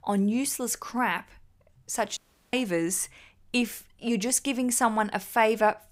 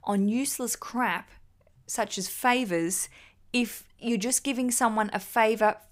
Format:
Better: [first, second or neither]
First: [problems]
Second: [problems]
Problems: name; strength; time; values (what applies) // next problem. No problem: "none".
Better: second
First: audio cutting out; at 2 s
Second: none